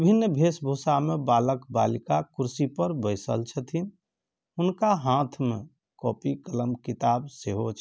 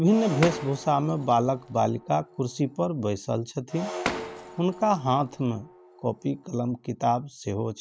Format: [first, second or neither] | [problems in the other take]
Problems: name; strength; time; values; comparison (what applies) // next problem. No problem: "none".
first | background sound (Shatter); 12 dB below the speech